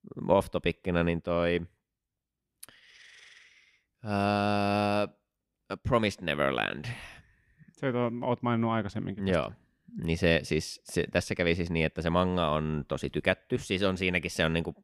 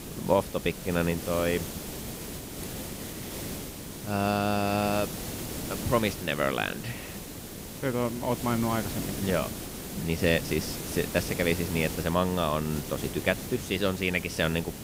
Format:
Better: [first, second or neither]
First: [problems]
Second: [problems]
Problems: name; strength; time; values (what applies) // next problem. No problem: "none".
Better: first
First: none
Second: hiss; loud; throughout; 8 dB below the speech